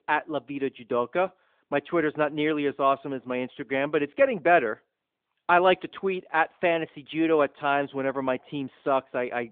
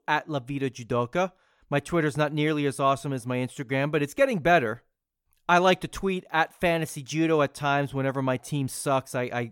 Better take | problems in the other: second | phone-call audio

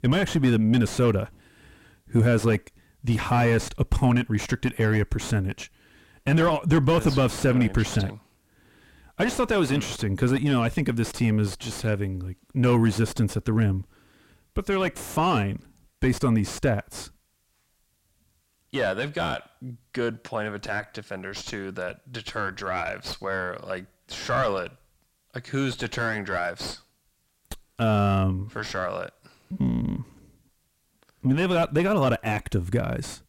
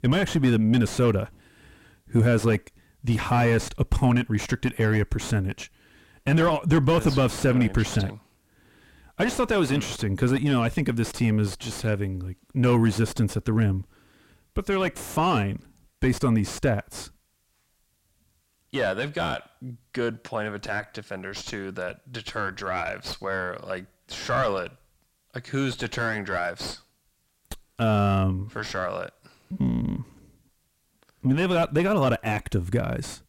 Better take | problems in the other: neither | distortion; heavy; 6 dB below the speech; the same in both

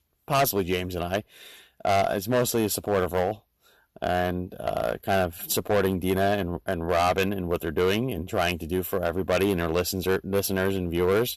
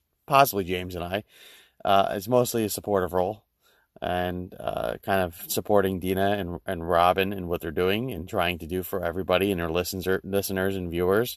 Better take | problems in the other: second | distortion; heavy; 6% of the sound clipped

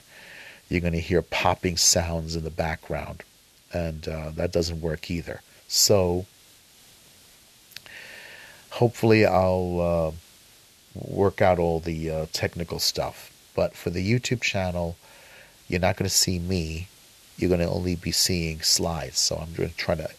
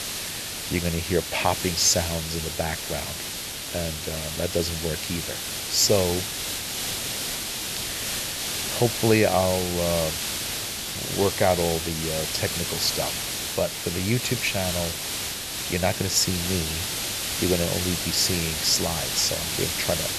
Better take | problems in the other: first | hiss; loud; throughout; 2 dB below the speech; faint in the first

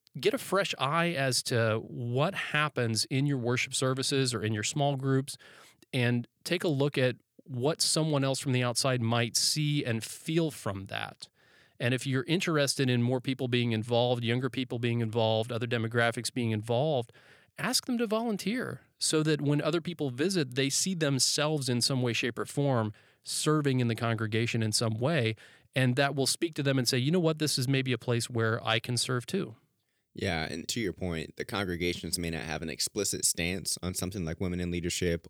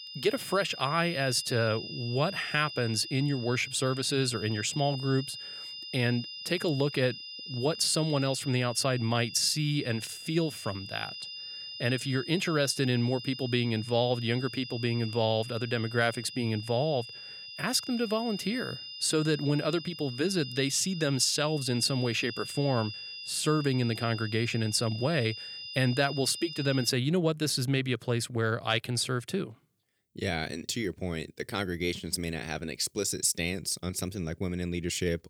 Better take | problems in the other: first | high-pitched whine; noticeable; until 27 s; 5 kHz, 10 dB below the speech

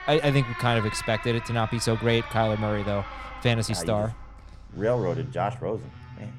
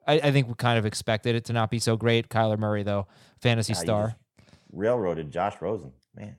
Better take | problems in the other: second | alarms or sirens; noticeable; throughout; 10 dB below the speech

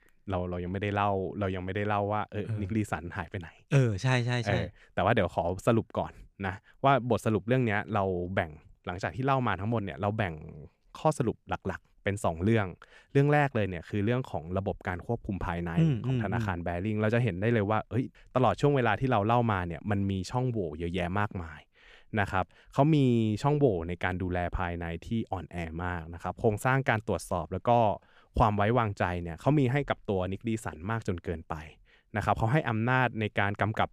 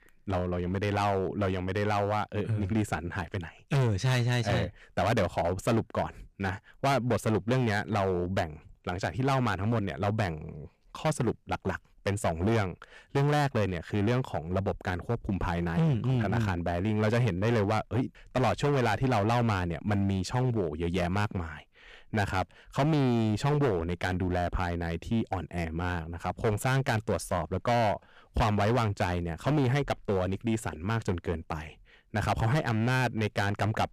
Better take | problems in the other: first | distortion; heavy; 12% of the sound clipped

